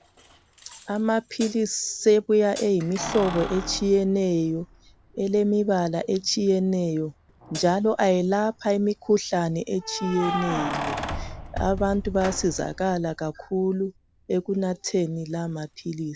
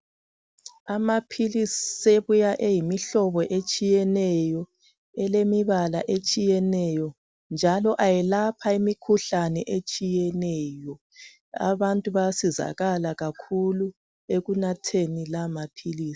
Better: second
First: background sound (Hi-hat + Keys jangling); 12 dB below the speech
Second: none

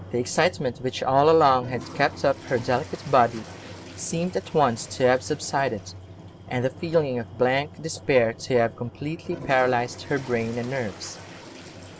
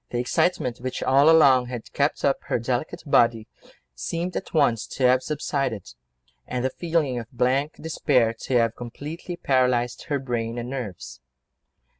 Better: second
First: background sound (Drum + Toilet flush); 16 dB below the speech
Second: none

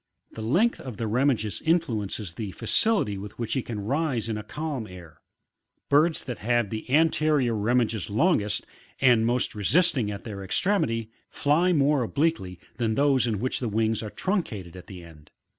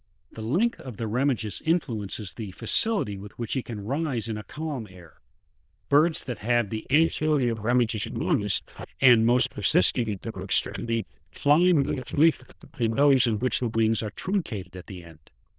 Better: first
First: none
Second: noise reduction (neural diffusion model UNIVERSE++)

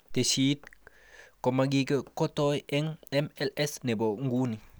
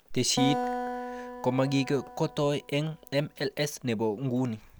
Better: first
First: none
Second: background sound (Acoustic guitar); 7 dB below the speech

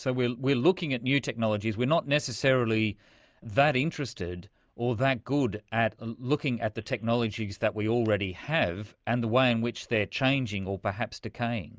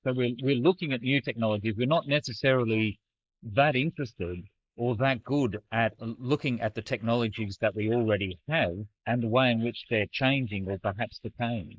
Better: first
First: none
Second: noise reduction (neural mask model Resemble Enhance denoiser)

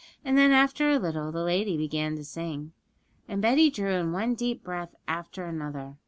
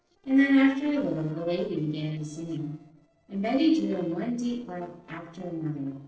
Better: first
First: none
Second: noise reduction (neural separator model SepFormer DNS4)

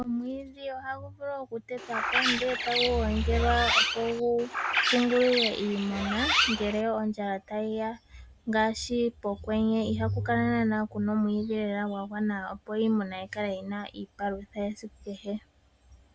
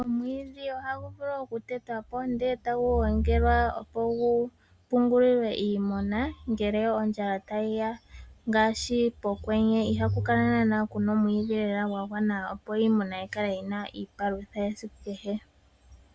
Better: second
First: background sound (Bird); as loud as the speech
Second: none

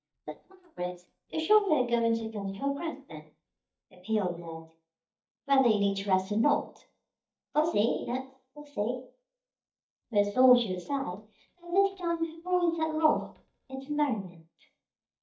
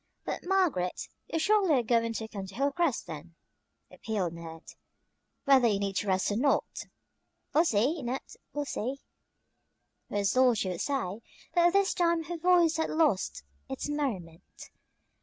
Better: second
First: noise reduction (neural mask model DeepFilterNet 3)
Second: none

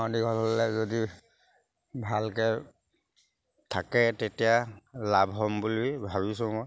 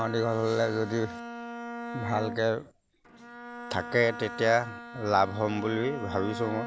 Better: first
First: none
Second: background sound (Bowed string instrument); 10 dB below the speech

